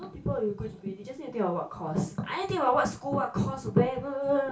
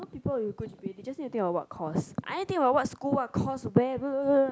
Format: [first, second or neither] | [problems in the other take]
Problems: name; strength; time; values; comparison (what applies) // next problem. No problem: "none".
second | room echo; dies away in 0.3 s